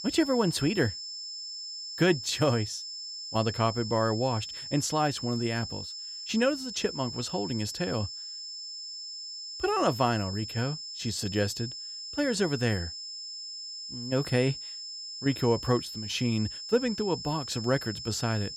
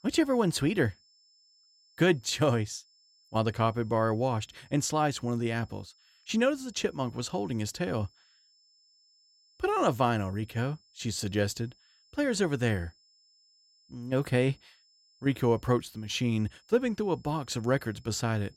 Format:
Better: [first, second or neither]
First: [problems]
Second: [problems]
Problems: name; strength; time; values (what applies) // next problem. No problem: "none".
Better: second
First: high-pitched whine; loud; throughout; 5.5 kHz, 7 dB below the speech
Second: high-pitched whine; faint; throughout; 5.5 kHz, 30 dB below the speech